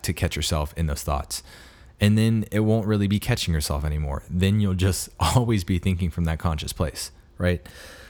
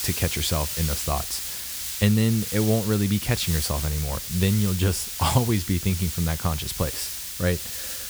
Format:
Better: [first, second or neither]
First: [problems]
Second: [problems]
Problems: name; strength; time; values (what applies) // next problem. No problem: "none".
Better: first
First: none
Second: hiss; loud; throughout; 5 dB below the speech